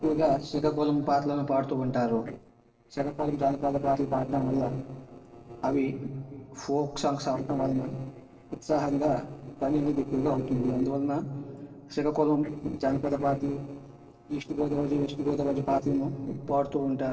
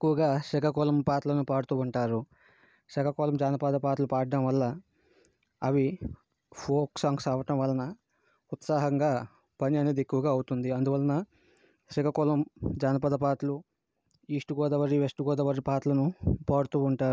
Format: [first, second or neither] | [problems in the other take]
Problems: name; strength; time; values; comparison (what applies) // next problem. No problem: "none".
second | noise reduction (neural separator model SepFormer DNS4)